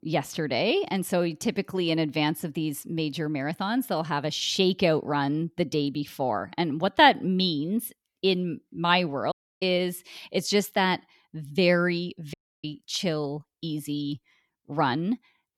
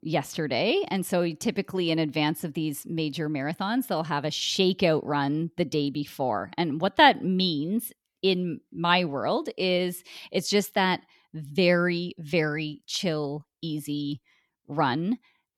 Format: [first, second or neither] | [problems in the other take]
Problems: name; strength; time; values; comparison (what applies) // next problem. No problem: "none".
second | audio cutting out; at 9.5 s and at 12 s